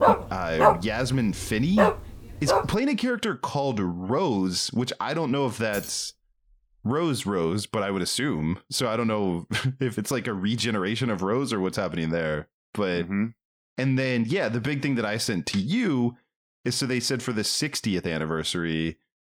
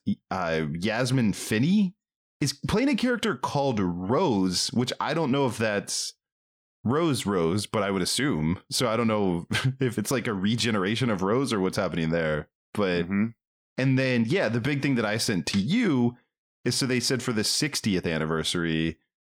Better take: second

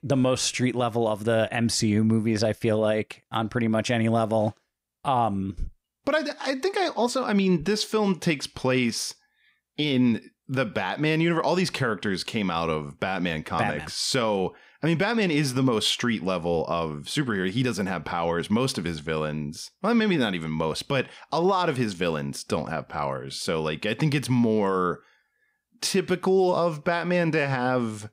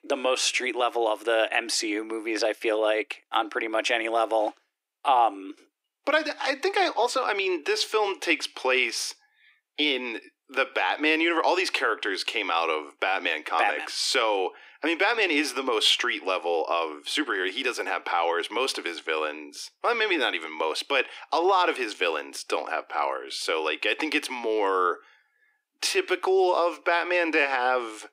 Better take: first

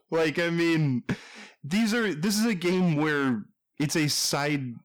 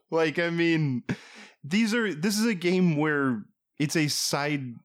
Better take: second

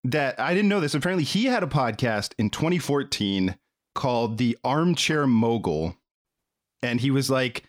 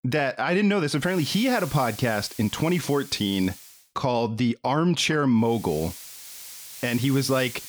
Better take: first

